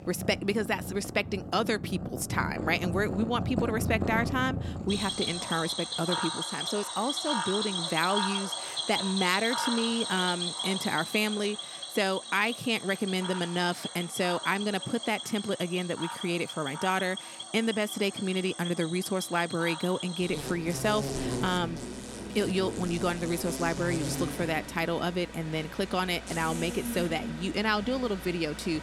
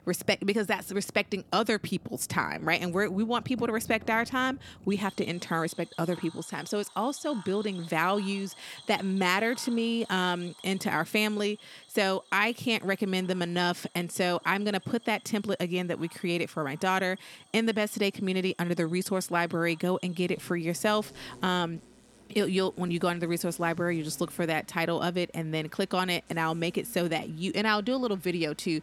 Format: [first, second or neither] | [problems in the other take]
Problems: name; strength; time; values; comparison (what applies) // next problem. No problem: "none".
second | animal sounds; loud; throughout; 5 dB below the speech; faint in the second